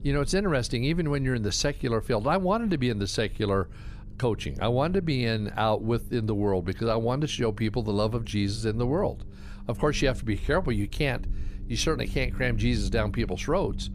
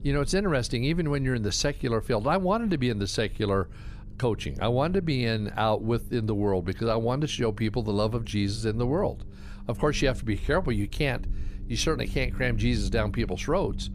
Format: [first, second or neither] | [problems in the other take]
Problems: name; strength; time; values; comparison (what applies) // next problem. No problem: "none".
neither | low rumble; faint; throughout; 25 dB below the speech; the same in both